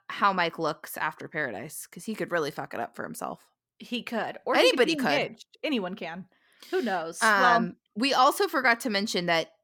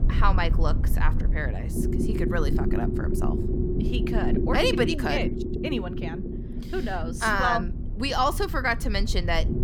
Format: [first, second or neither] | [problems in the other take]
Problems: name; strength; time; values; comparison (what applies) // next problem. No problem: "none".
first | low rumble; loud; throughout; 8 dB below the speech